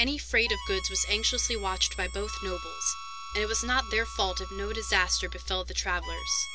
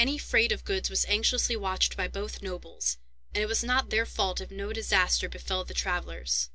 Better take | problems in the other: second | background sound (Harmonica); 12 dB below the speech

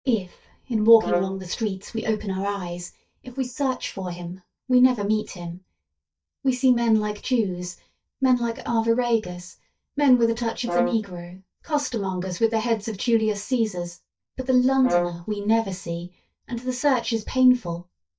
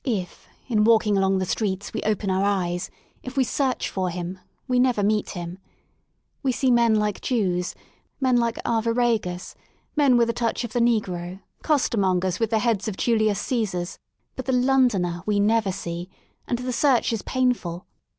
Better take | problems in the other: second | noise reduction (neural mask model DeepFilterNet 3)

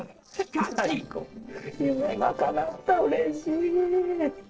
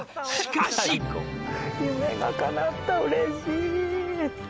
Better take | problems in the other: second | noise reduction (neural separator model SepFormer DNS4)

